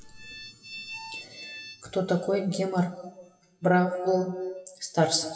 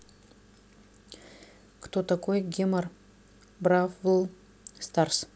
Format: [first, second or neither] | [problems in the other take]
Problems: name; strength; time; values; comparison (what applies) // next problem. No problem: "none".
second | noise reduction (classical method WPE with log-MMSE)